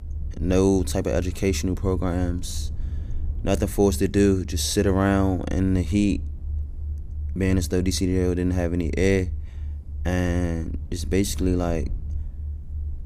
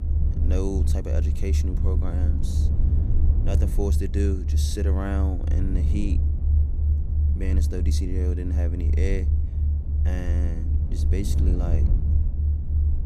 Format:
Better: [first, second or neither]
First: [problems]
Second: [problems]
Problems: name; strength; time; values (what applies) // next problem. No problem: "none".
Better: first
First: low rumble; faint; throughout; 25 dB below the speech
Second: low rumble; loud; throughout; 5 dB below the speech